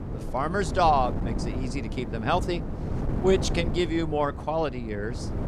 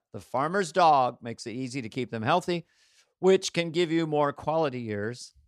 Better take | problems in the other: second | wind noise on the microphone; occasional gusts; 10 dB below the speech

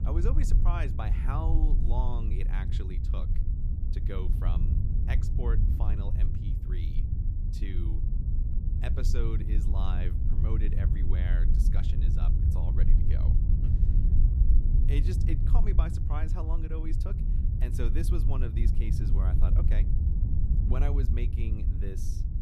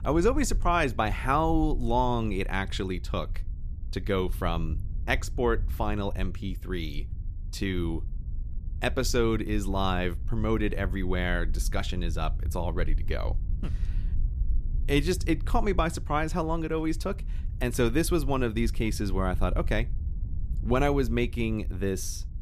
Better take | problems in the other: second | low rumble; loud; throughout; 3 dB below the speech; faint in the second

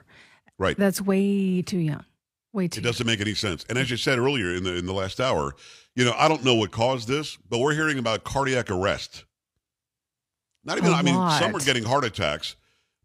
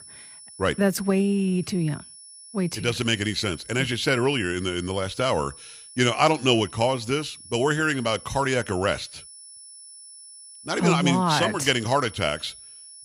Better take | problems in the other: first | high-pitched whine; noticeable; throughout; 10 kHz, 20 dB below the speech

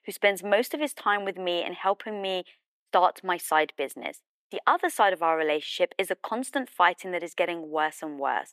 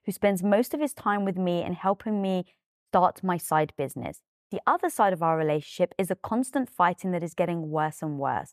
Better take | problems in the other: second | thin; somewhat; fading below 300 Hz

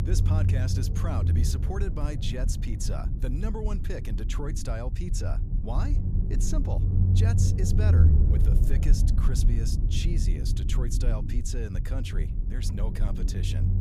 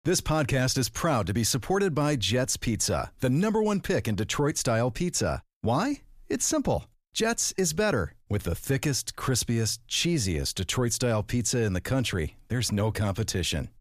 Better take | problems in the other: second | low rumble; loud; throughout; 2 dB below the speech

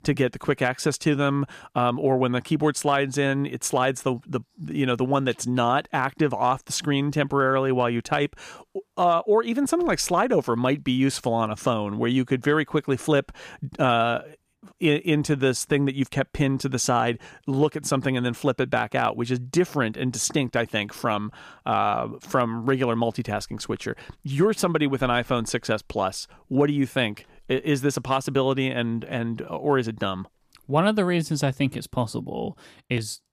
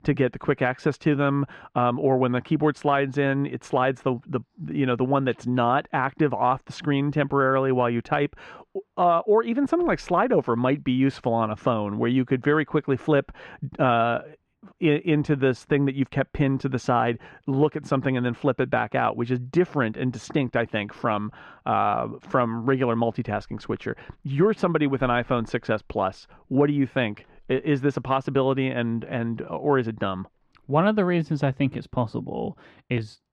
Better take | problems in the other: first | muffled; very; fading above 2.5 kHz

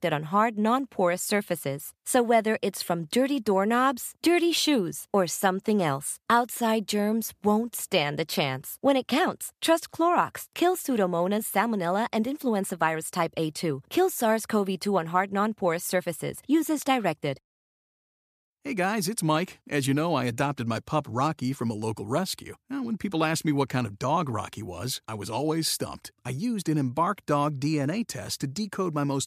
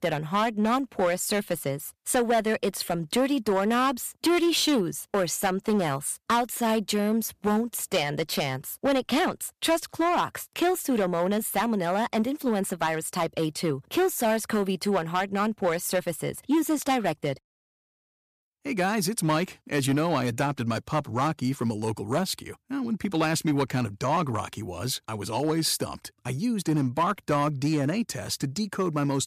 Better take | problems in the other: first | distortion; slight; 6% of the sound clipped

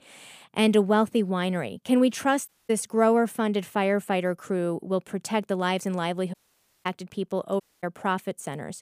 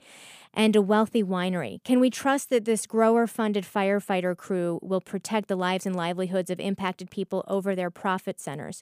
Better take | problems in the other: second | audio cutting out; at 2.5 s, at 6.5 s for 0.5 s and at 7.5 s

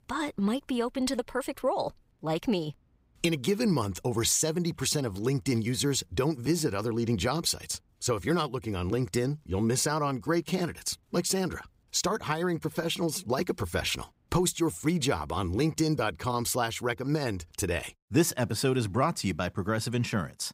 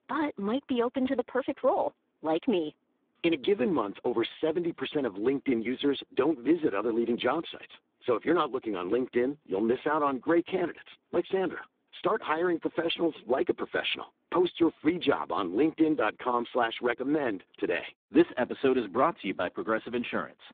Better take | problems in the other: first | phone-call audio; poor line

